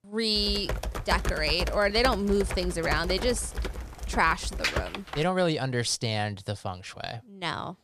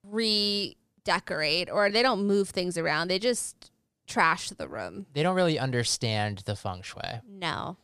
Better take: second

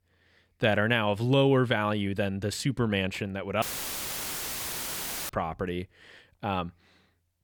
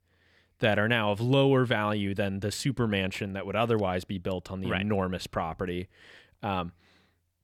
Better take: second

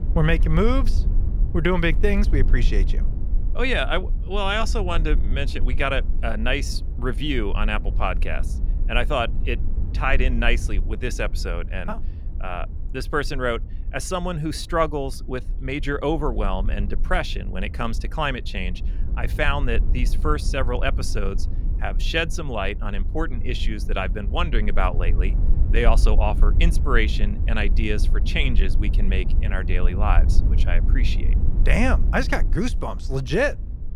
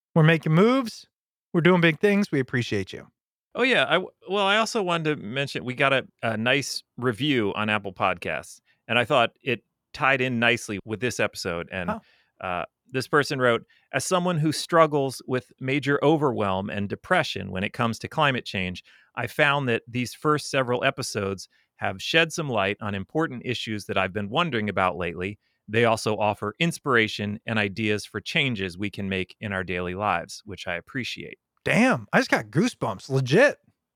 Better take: second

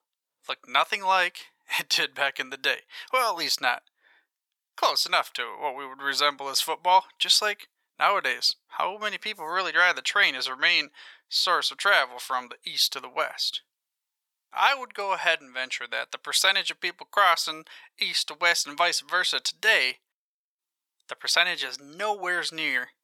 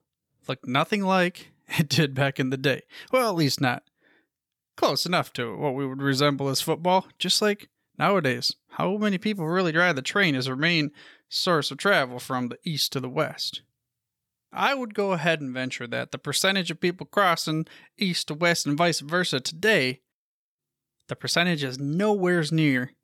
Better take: second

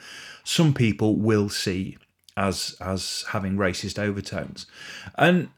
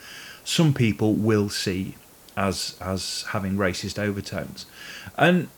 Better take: first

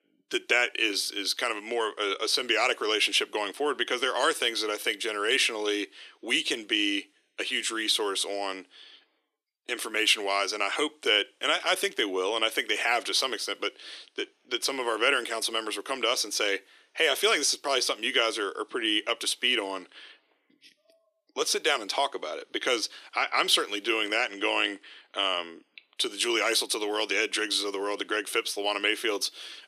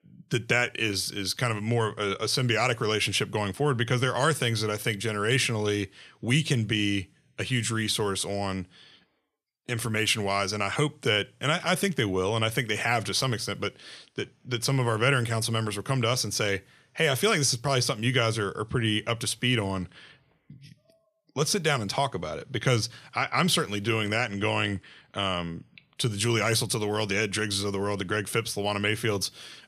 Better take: second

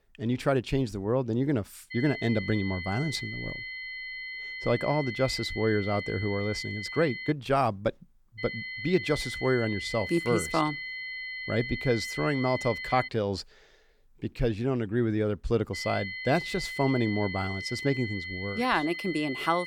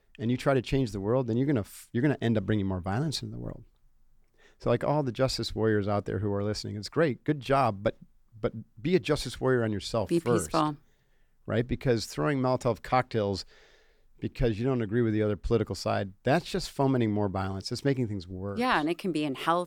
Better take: second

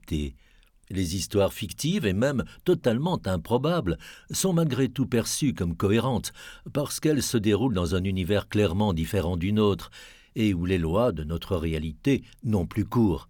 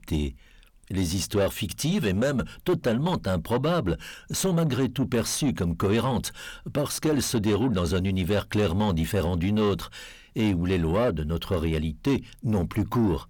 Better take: first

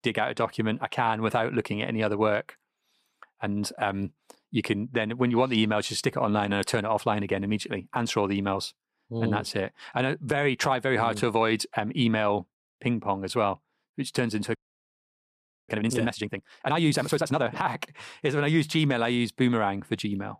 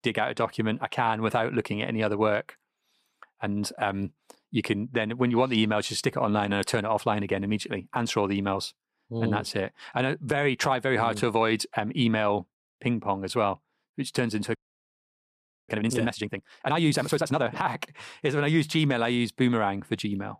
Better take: neither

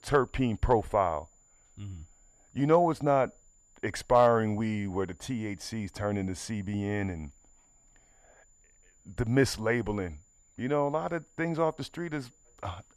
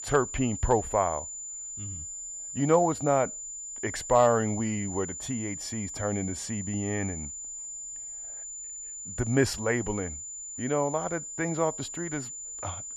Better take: first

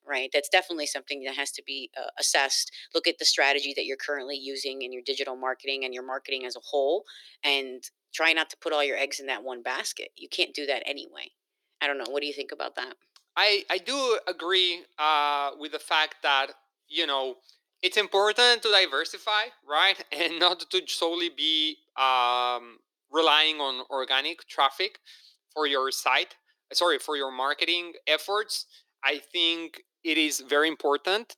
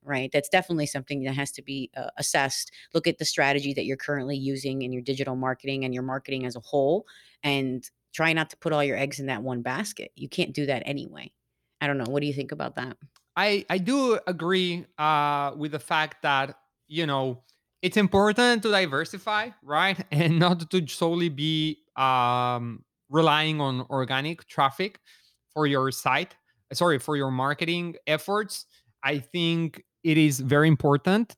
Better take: second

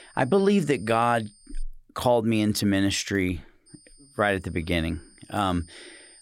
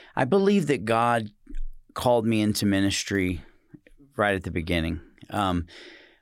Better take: second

